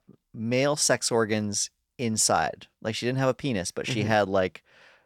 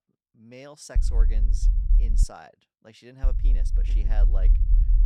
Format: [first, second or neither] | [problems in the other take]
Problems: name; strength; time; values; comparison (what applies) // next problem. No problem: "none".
first | low rumble; loud; from 1 to 2 s and from 3 s on; 5 dB below the speech